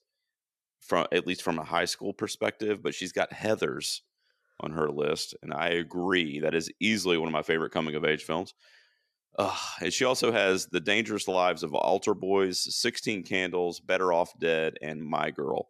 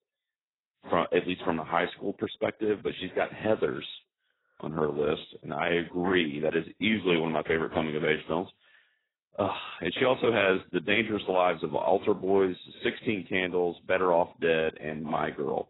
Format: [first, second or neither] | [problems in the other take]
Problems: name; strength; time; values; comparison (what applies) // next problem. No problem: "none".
first | garbled, watery; badly; nothing above 4 kHz